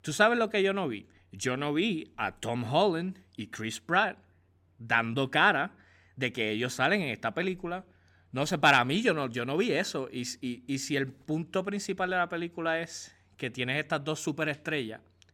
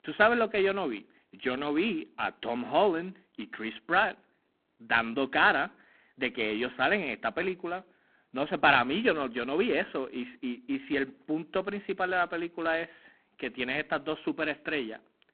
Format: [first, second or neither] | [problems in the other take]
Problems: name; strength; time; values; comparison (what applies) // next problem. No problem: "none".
first | phone-call audio; poor line; nothing above 3.5 kHz